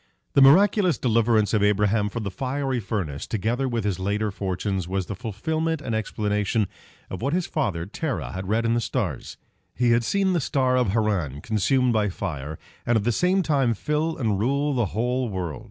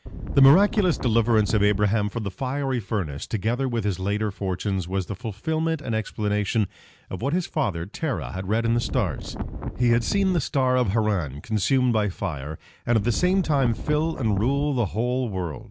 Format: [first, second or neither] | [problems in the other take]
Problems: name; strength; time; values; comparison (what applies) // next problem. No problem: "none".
first | background sound (Wind); 7 dB below the speech